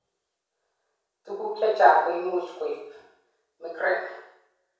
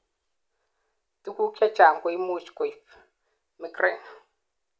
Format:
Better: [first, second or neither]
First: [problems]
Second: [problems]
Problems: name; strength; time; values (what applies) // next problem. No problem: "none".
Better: second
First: room echo; dies away in 0.7 s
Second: none